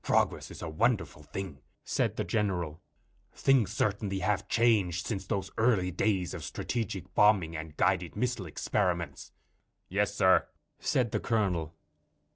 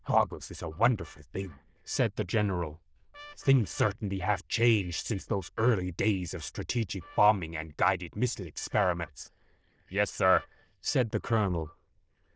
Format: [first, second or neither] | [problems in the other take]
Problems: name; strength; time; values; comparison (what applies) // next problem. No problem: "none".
first | noise reduction (neural diffusion model UNIVERSE++)